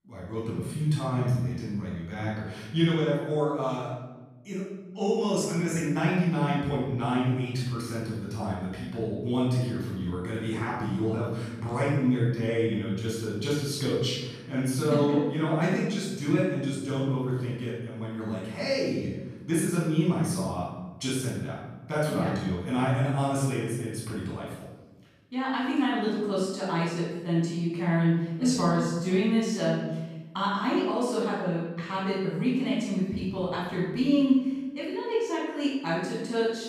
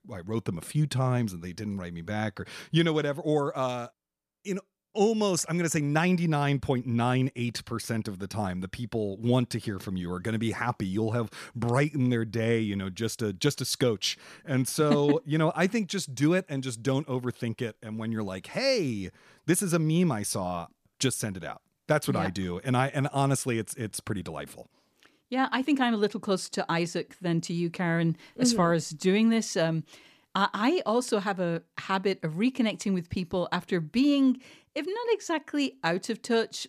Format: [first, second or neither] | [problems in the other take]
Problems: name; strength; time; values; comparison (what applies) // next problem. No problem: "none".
second | off-mic speech; far // room echo; strong; dies away in 1.1 s